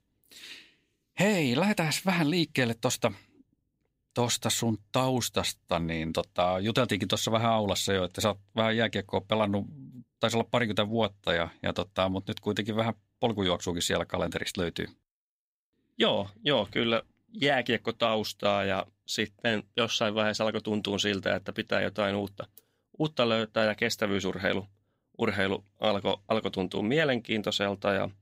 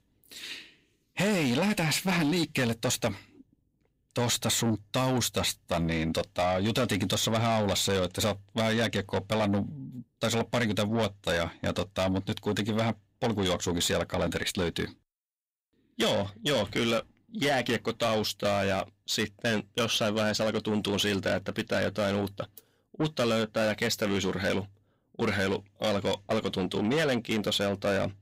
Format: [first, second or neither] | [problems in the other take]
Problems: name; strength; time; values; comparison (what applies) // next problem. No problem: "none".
first | distortion; heavy; 8 dB below the speech